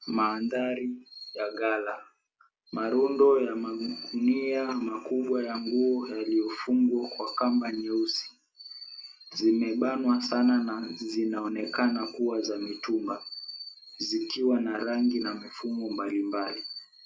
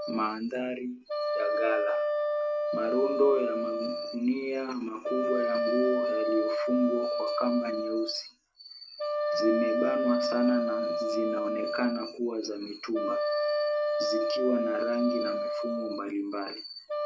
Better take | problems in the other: first | background sound (Wind instrument, woodwind instrument); 1 dB above the speech

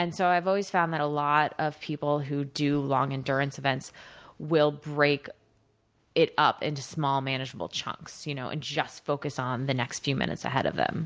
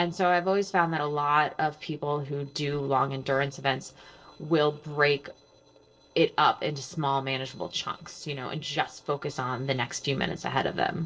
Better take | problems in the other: first | noise reduction (neural separator model SepFormer DNS4)

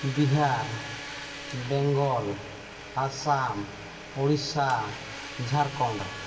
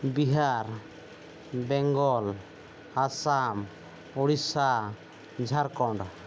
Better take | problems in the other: second | background sound (Domestic sounds, home sounds); 12 dB below the speech // room echo; dies away in 1.9 s

